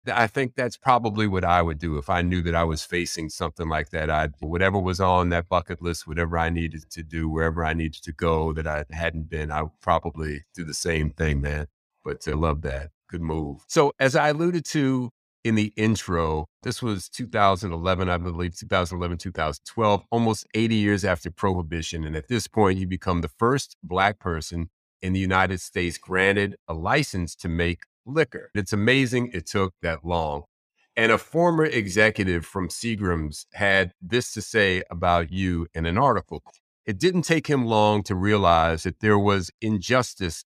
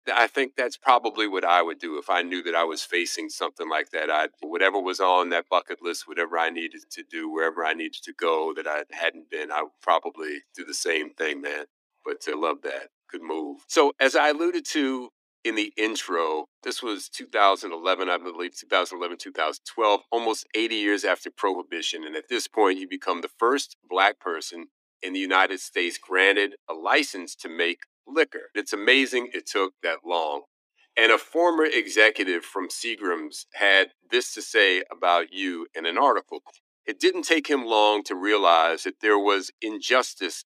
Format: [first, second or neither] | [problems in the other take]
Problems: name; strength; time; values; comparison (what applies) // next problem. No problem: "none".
first | thin; somewhat; fading below 300 Hz